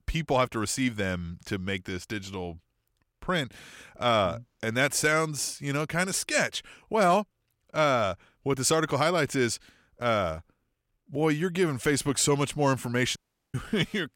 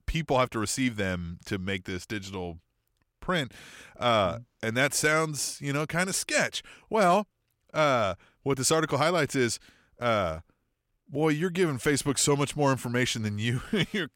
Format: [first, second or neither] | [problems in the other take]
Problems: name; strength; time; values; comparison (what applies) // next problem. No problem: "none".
second | audio cutting out; at 13 s